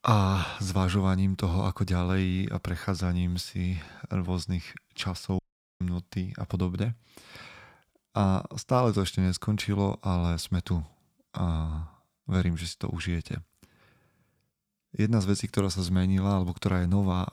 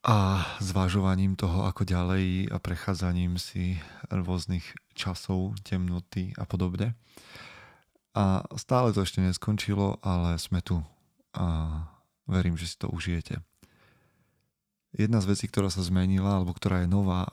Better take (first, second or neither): second